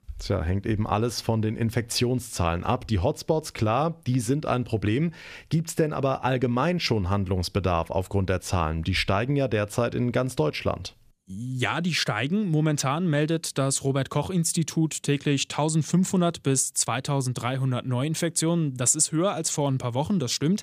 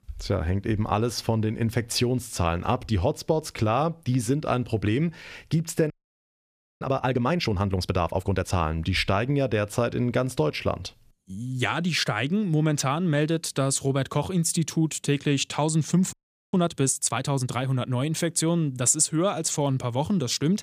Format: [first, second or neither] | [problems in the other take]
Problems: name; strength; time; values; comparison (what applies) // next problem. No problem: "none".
first | audio freezing; at 6 s for 1 s and at 16 s